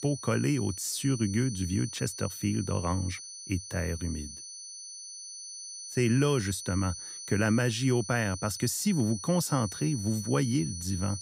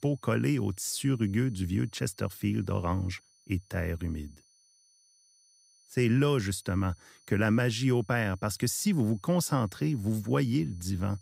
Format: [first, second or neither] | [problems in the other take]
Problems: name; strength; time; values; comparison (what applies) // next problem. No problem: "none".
second | high-pitched whine; loud; throughout; 6 kHz, 10 dB below the speech; faint in the second